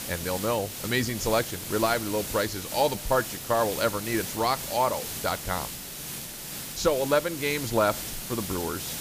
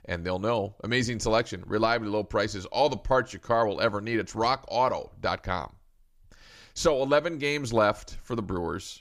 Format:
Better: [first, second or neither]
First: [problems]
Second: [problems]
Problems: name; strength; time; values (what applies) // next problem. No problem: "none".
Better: second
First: hiss; loud; throughout; 6 dB below the speech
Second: none